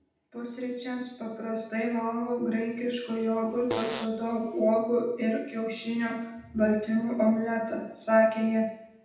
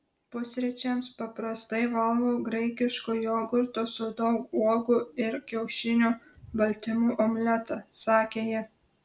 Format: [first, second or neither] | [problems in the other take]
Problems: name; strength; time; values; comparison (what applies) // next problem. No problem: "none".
second | background sound (Fart); 11 dB below the speech // room echo; dies away in 0.8 s